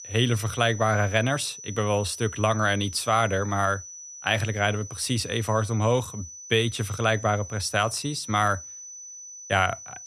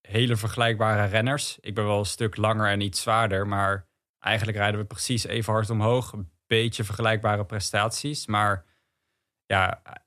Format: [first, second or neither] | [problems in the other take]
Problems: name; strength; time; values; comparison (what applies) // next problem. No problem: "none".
second | high-pitched whine; noticeable; throughout; 6 kHz, 15 dB below the speech